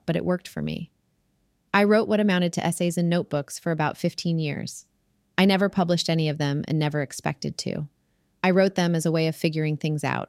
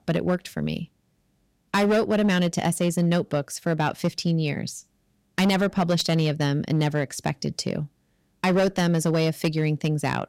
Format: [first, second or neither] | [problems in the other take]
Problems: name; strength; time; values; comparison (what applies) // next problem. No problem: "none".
first | distortion; slight; 7% of the sound clipped